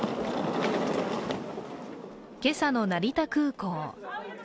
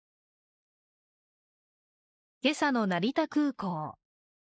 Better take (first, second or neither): first